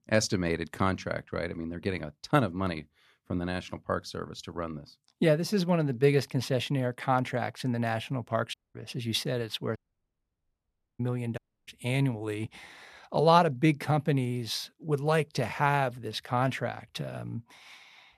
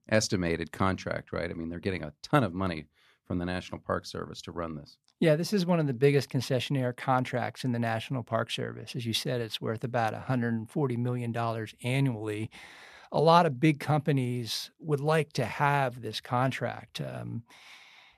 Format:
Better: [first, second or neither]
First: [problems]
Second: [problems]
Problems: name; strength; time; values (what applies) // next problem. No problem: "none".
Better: second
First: audio cutting out; at 8.5 s, at 10 s for 1 s and at 11 s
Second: none